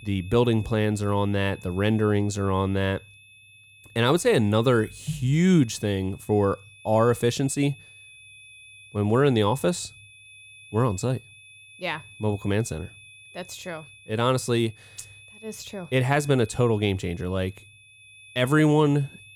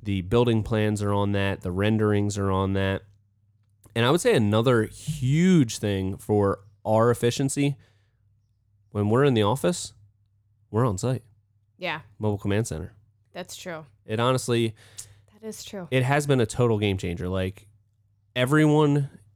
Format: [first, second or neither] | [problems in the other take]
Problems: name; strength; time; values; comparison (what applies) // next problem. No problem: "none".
second | high-pitched whine; faint; throughout; 2.5 kHz, 25 dB below the speech